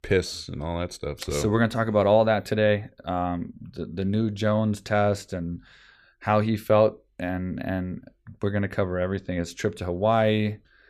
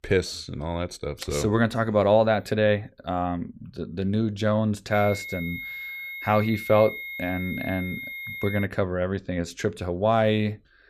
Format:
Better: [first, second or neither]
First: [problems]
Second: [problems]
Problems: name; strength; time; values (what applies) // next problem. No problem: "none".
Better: first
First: none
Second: high-pitched whine; loud; from 5 to 8.5 s; 2 kHz, 9 dB below the speech